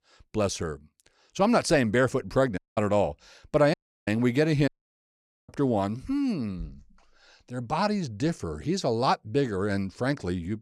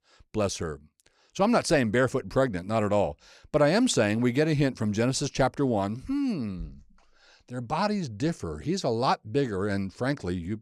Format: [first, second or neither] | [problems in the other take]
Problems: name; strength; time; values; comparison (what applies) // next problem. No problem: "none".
second | audio cutting out; at 2.5 s, at 3.5 s and at 4.5 s for 1 s